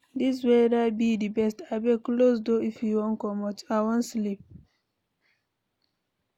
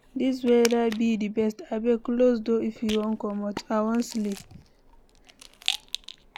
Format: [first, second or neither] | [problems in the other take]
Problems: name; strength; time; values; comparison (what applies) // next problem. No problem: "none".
first | background sound (Rattle); 14 dB below the speech